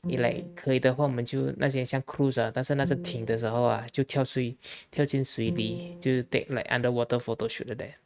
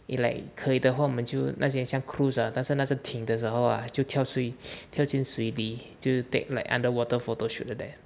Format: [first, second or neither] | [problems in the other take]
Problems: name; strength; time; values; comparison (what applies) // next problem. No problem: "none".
second | noise reduction (neural mask model RNNoise)